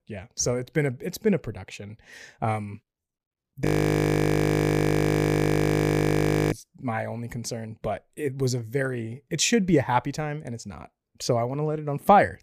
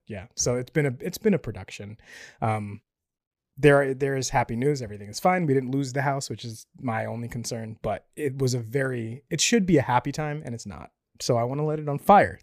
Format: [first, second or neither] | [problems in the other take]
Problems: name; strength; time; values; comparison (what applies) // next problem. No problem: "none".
second | audio freezing; at 3.5 s for 3 s